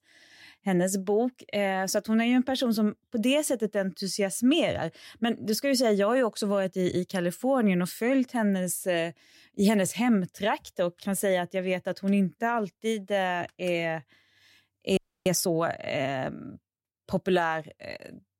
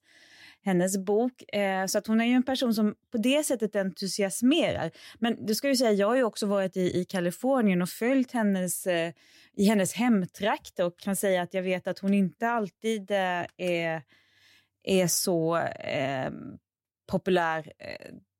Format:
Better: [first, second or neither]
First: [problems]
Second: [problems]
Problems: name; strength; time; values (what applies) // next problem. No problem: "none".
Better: second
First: audio freezing; at 15 s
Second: none